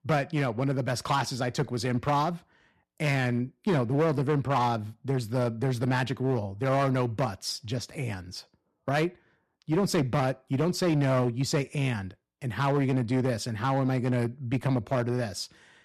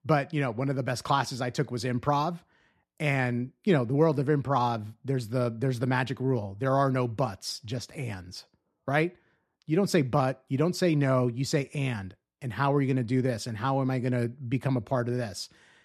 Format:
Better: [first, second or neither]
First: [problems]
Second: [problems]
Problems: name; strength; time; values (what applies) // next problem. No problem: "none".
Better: second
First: distortion; slight; 7% of the sound clipped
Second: none